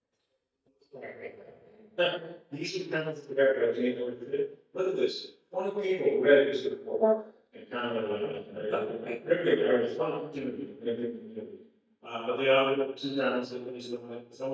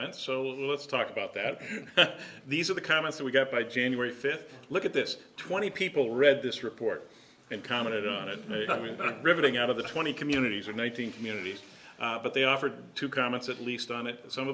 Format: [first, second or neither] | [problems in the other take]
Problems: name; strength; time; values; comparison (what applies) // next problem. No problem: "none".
second | noise reduction (neural mask model DeepFilterNet 3)